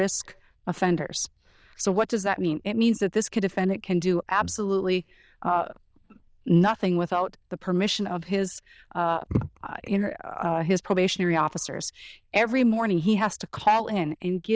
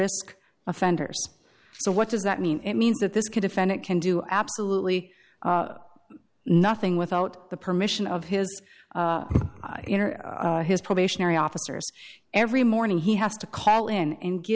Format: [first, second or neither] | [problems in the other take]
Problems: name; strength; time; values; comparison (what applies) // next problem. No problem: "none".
second | noise reduction (neural diffusion model UNIVERSE++)